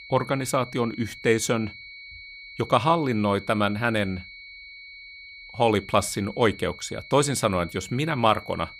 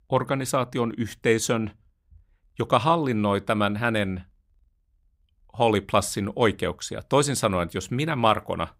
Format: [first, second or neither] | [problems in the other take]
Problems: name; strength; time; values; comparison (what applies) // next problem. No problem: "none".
second | high-pitched whine; noticeable; throughout; 2 kHz, 15 dB below the speech